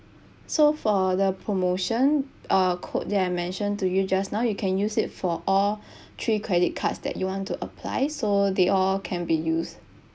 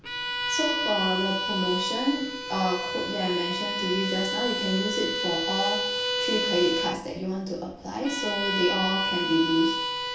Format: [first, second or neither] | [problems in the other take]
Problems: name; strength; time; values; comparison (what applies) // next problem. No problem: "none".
first | background sound (Bowed string instrument); 1 dB below the speech // room echo; dies away in 0.6 s